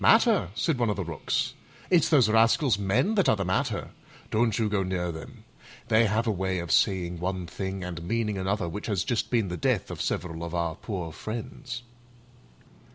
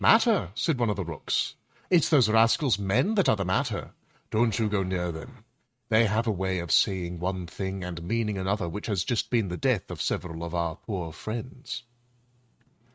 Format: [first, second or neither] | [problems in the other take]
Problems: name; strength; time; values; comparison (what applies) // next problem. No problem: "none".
first | noise reduction (neural mask model RNNoise)